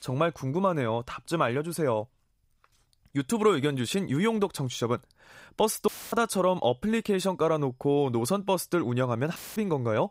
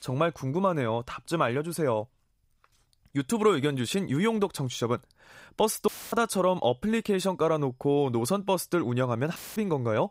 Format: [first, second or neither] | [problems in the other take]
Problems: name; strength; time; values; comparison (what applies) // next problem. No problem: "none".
neither | audio cutting out; filled with static; at 6 s and at 9.5 s; the same in both